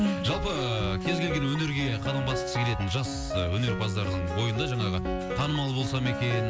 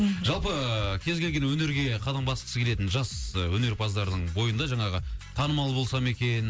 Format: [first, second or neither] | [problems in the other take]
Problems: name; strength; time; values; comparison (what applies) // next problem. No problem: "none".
second | background sound (Piano); 5 dB below the speech